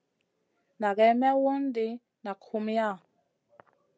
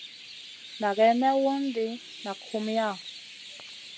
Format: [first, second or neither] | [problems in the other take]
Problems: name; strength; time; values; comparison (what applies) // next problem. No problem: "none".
first | background sound (Chirp, tweet); 15 dB below the speech